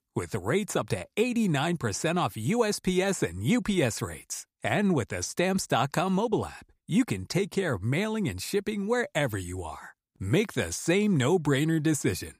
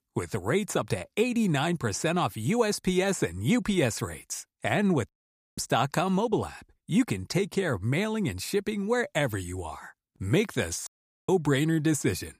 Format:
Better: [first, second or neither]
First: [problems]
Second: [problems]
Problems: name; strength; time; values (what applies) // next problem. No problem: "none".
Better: first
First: none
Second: audio cutting out; at 5 s and at 11 s